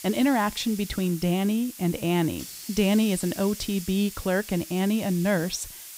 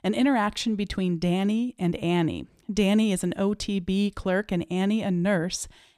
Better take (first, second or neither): second